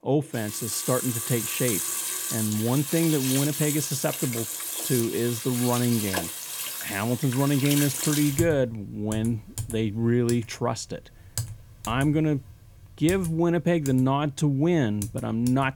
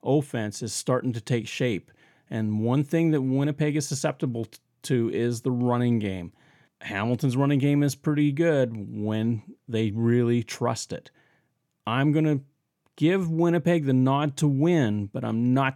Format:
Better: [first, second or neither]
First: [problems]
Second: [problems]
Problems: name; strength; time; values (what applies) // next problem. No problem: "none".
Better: second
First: household noises; loud; throughout; 4 dB below the speech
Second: none